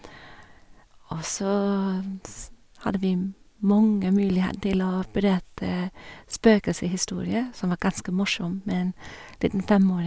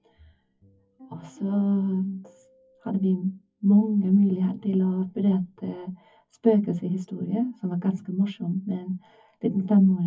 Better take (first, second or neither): first